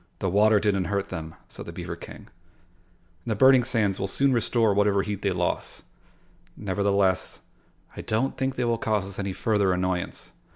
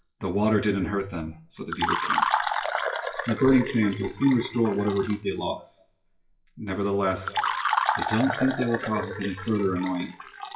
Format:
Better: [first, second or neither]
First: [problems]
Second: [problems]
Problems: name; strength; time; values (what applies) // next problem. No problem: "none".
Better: first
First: none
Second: noise reduction (classical method WPE with log-MMSE)